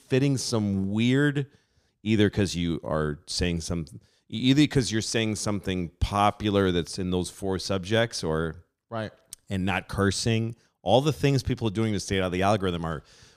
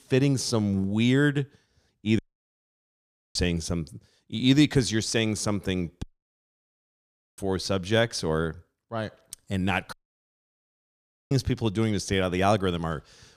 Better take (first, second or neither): first